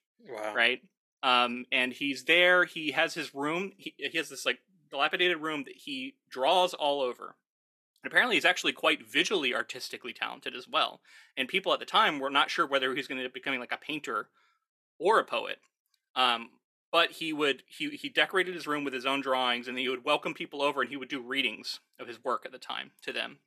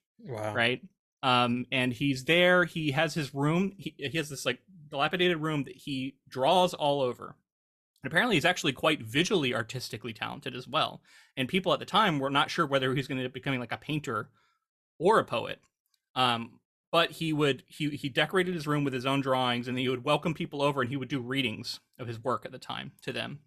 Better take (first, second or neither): second